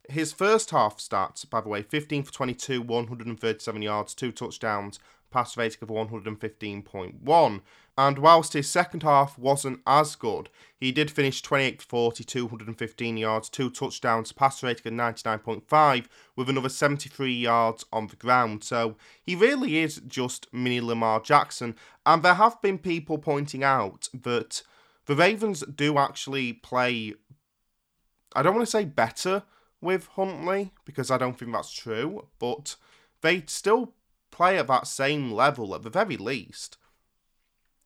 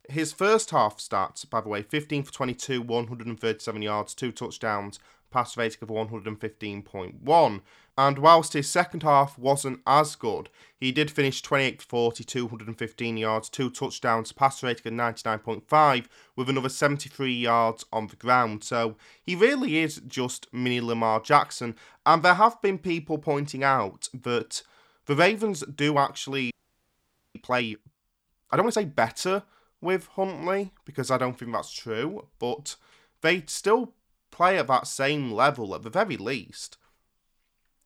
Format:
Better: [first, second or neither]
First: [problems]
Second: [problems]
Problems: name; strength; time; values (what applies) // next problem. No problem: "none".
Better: first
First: none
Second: audio freezing; at 27 s for 1 s